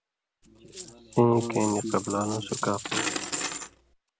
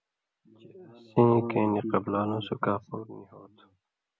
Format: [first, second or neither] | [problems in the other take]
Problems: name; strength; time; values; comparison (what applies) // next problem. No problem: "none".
second | background sound (Coin (dropping)); 7 dB below the speech